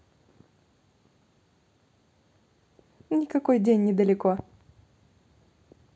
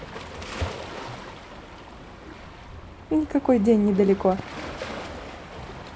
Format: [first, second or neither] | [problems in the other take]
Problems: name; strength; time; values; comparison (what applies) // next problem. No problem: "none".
first | background sound (Waves, surf); 10 dB below the speech